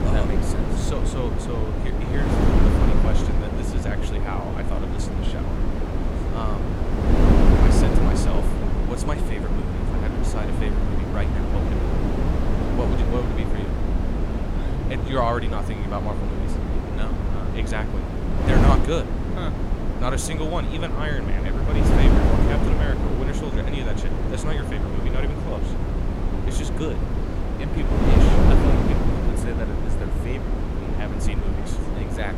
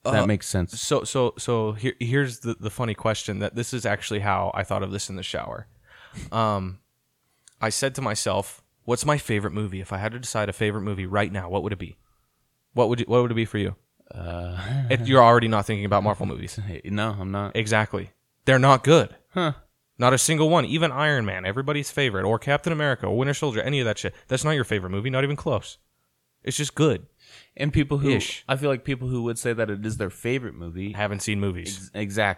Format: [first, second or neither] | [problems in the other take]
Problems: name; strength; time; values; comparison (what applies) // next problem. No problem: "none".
second | wind noise on the microphone; heavy; 2 dB above the speech